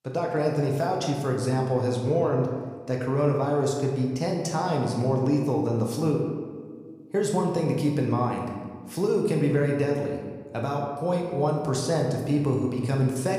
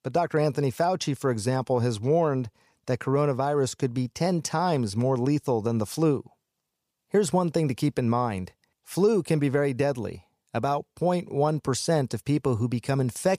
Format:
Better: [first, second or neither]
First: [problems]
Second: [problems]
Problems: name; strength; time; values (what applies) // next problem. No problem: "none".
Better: second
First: room echo; noticeable; dies away in 1.2 s // off-mic speech; somewhat distant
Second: none